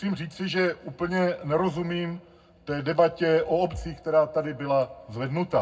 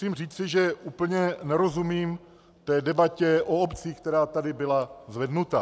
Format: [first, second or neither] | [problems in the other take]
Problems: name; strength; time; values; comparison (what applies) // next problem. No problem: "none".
second | room echo; dies away in 0.3 s